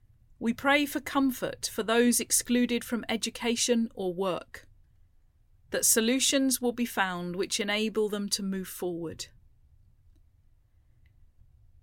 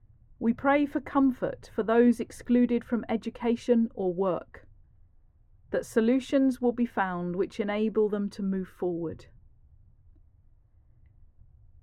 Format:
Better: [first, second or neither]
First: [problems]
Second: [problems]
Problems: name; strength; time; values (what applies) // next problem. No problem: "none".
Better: first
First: none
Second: muffled; very; fading above 2.5 kHz